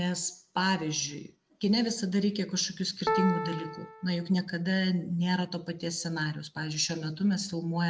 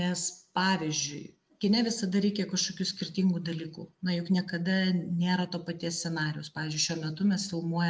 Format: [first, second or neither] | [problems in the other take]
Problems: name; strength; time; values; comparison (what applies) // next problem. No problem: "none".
second | background sound (Piano); 5 dB below the speech